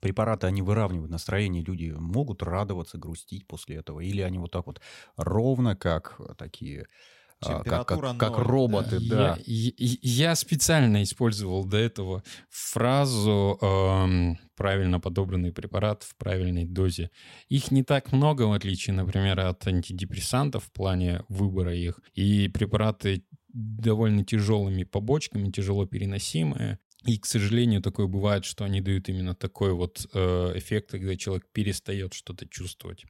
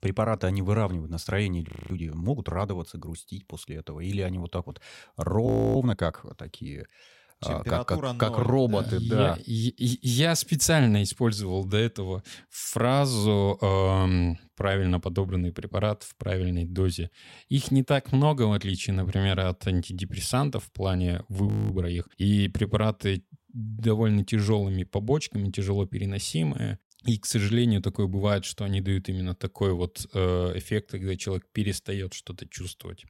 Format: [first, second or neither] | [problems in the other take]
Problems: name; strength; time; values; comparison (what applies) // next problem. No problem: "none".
first | audio freezing; at 1.5 s, at 5.5 s and at 21 s